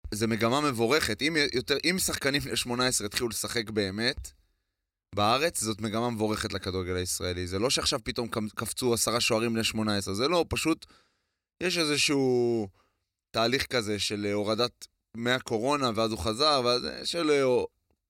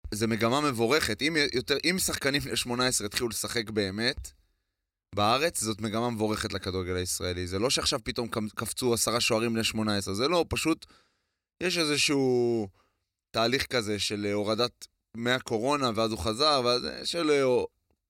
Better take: neither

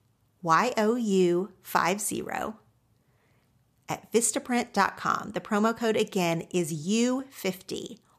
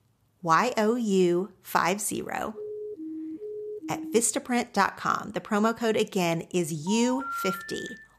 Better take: first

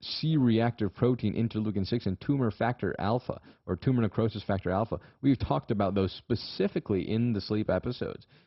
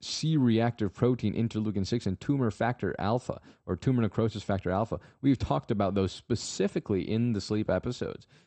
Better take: second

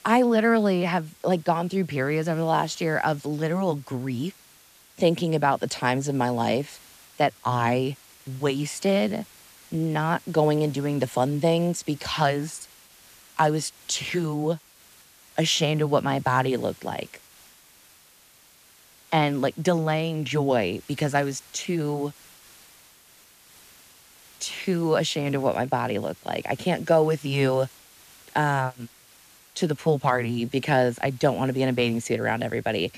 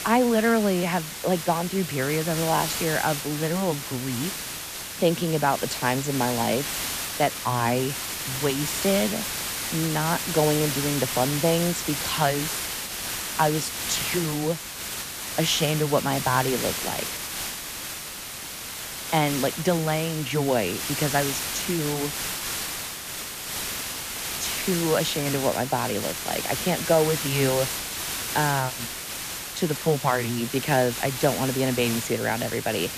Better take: first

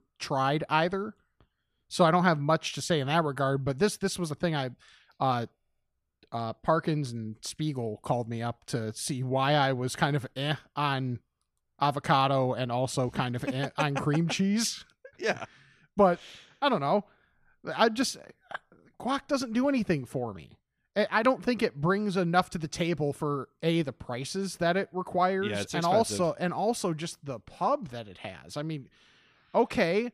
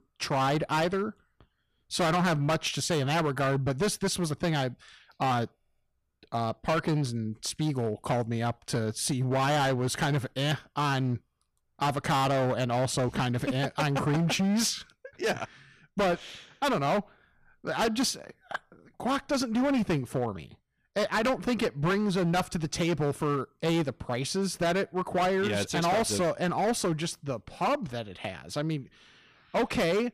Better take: first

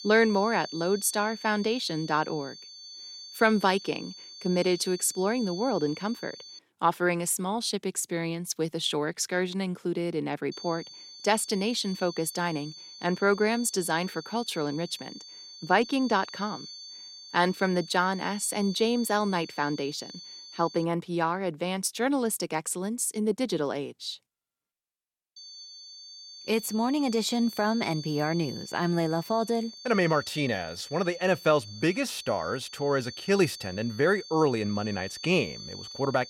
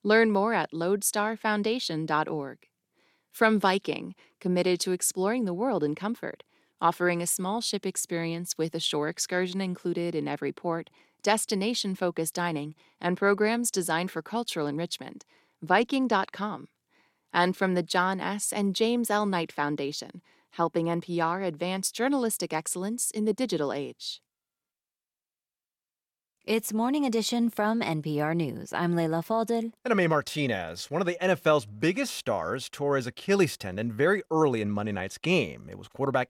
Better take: second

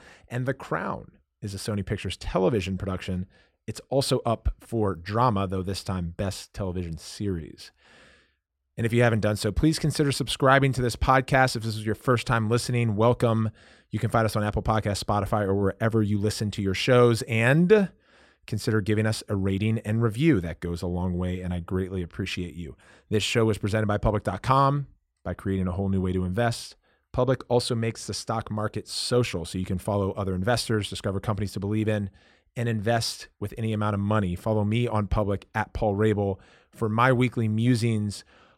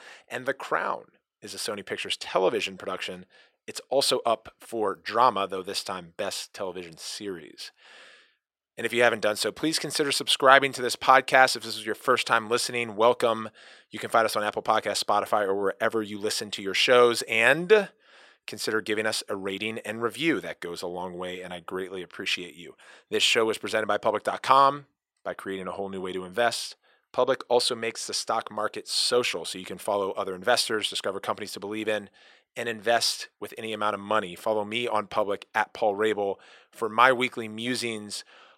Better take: first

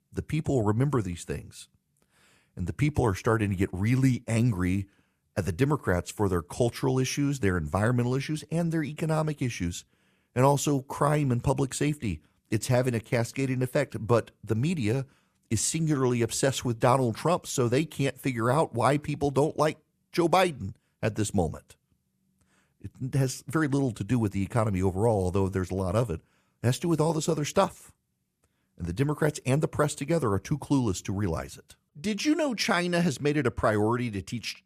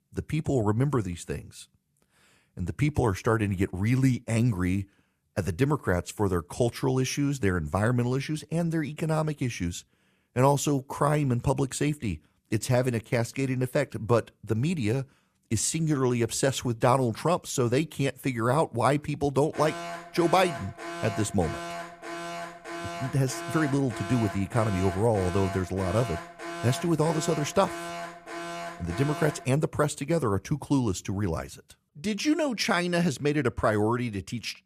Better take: first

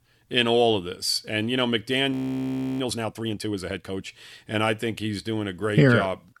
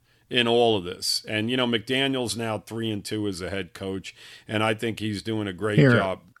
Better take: second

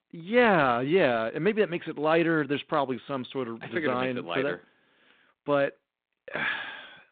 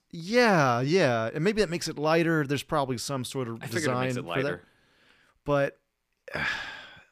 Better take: second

